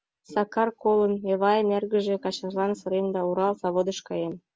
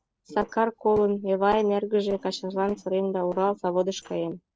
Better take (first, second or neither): first